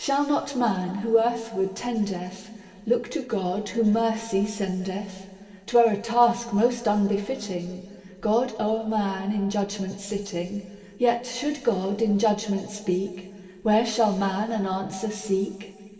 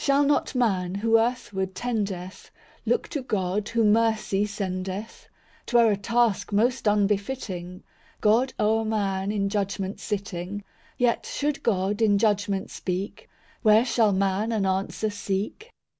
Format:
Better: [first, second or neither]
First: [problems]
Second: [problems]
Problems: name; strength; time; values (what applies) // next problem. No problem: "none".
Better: second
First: room echo; dies away in 2.3 s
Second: none